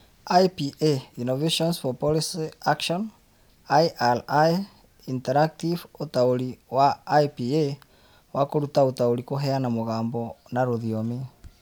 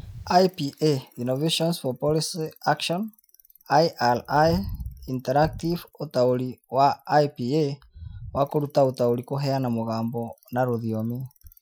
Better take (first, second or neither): first